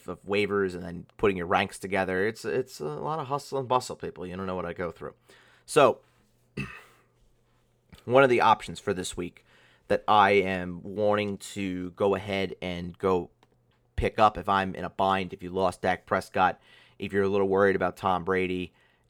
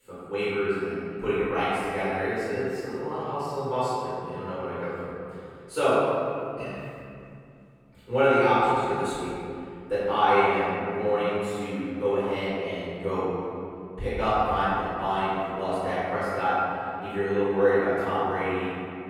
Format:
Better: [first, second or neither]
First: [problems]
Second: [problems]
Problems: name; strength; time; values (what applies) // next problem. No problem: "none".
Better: first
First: none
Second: off-mic speech; far // room echo; strong; dies away in 2.4 s